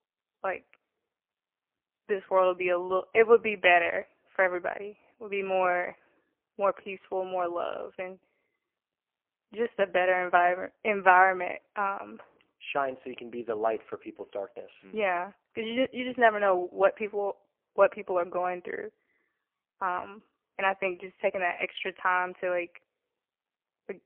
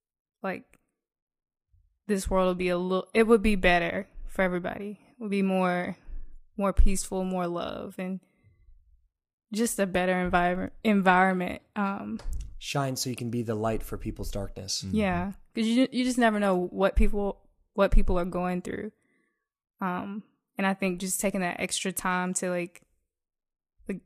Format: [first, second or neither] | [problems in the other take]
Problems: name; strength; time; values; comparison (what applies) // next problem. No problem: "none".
second | phone-call audio; poor line; nothing above 3 kHz